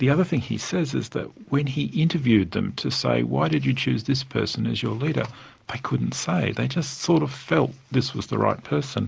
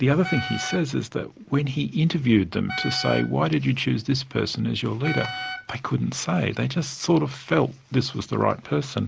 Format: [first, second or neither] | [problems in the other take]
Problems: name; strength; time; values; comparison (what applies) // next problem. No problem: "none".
first | background sound (Wind instrument, woodwind instrument); 10 dB below the speech